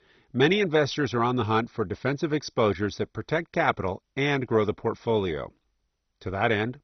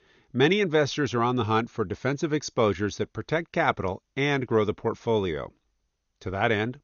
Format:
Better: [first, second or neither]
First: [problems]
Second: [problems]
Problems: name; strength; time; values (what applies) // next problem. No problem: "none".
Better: second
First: garbled, watery; badly; nothing above 6 kHz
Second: garbled, watery; slightly; nothing above 6.5 kHz